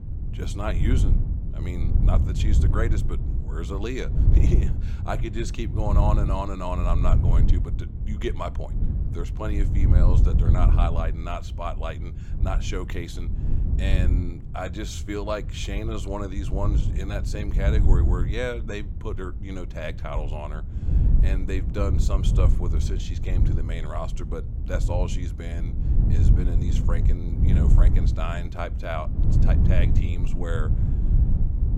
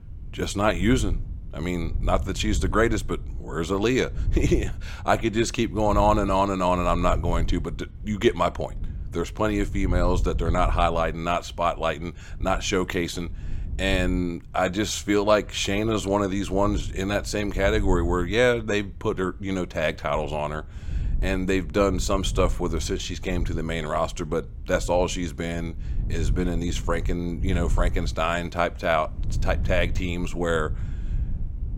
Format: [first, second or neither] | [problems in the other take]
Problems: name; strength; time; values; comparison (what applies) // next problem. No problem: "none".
second | wind noise on the microphone; heavy; 6 dB below the speech; occasional gusts in the second